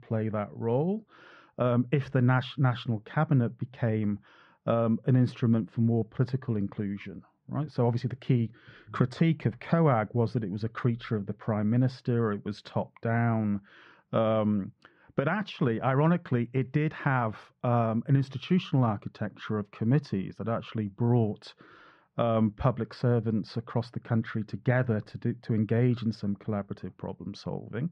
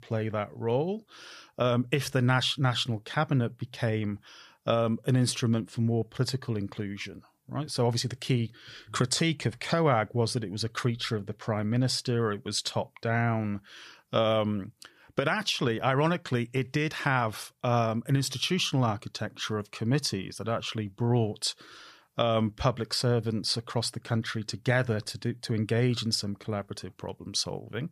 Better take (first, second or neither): second